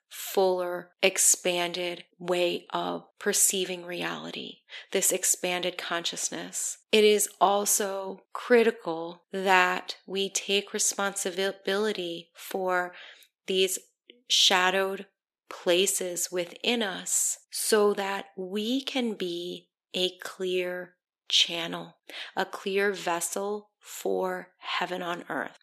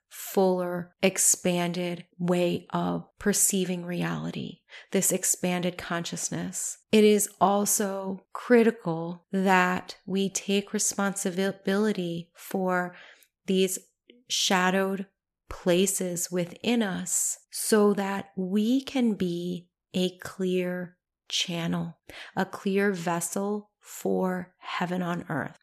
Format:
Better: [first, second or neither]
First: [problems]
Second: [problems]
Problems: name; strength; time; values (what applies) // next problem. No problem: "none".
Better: second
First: thin; somewhat; fading below 300 Hz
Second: none